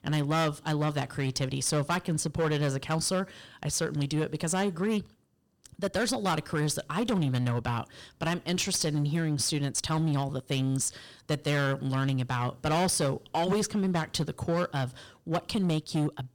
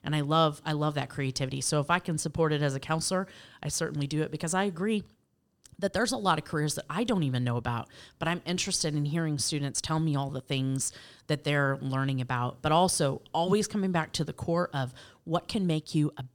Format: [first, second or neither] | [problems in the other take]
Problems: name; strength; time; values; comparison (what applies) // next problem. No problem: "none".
second | distortion; slight; 10% of the sound clipped